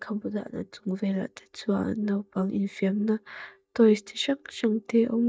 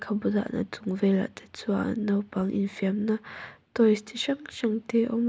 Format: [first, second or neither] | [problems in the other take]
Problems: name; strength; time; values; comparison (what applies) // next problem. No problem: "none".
second | noise reduction (neural mask model DeepFilterNet 3)